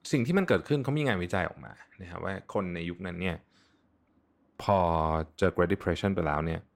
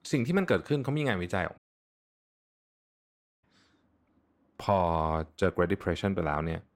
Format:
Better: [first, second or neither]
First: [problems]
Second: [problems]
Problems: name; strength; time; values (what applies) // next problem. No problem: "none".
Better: first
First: none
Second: audio cutting out; at 1.5 s for 2 s